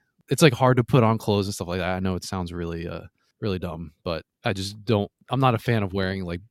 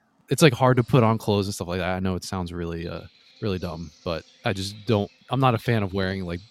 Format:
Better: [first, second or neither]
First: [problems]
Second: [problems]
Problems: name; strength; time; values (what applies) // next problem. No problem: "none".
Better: first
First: none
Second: animal sounds; faint; throughout; 25 dB below the speech